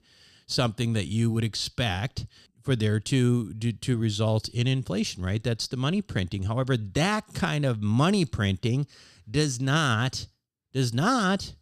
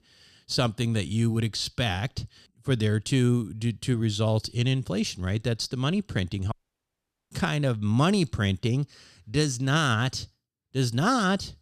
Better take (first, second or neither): first